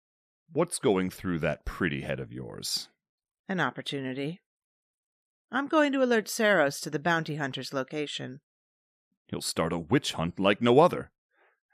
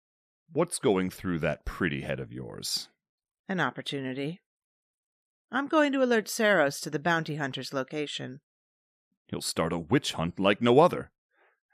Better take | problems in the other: neither | none

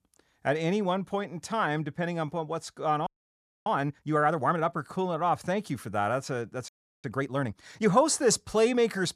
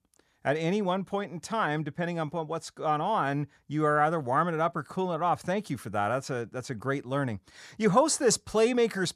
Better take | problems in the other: second | audio freezing; at 3 s for 0.5 s and at 6.5 s

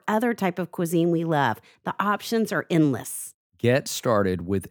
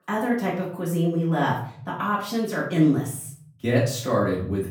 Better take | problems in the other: first | off-mic speech; far // room echo; noticeable; dies away in 0.5 s

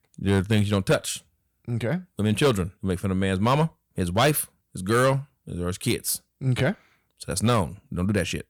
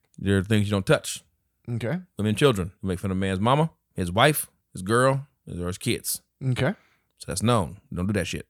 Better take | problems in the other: second | distortion; slight; 4% of the sound clipped

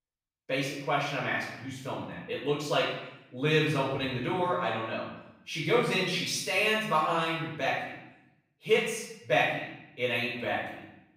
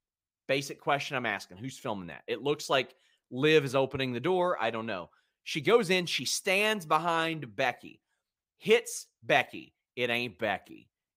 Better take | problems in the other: second | off-mic speech; far // room echo; noticeable; dies away in 0.8 s

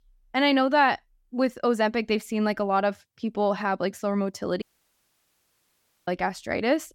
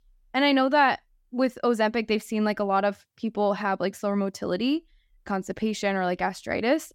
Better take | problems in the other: second | audio cutting out; at 4.5 s for 1.5 s

